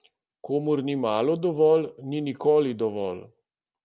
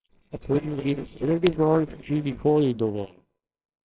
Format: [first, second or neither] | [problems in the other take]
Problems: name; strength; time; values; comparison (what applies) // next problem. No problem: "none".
first | noise reduction (neural separator model SepFormer WHAMR!)